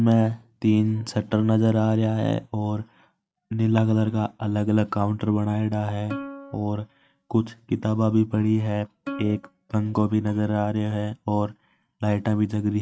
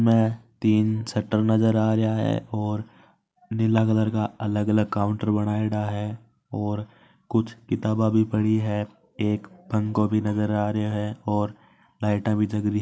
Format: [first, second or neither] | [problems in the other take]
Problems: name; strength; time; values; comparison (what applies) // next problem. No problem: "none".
second | noise reduction (neural mask model RNNoise)